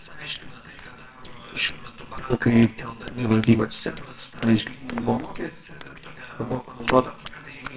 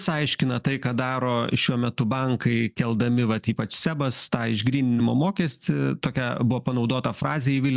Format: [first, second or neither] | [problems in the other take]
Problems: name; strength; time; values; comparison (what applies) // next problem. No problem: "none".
second | noise reduction (neural separator model SepFormer WHAMR!)